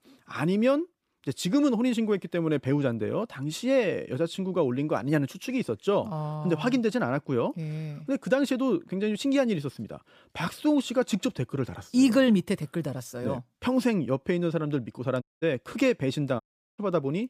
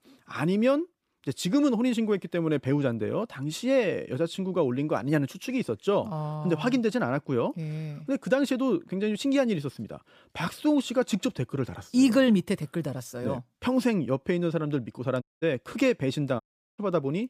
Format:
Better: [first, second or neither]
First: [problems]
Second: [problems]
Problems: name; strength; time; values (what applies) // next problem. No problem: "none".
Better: neither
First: audio cutting out; at 15 s and at 16 s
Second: audio cutting out; at 15 s and at 16 s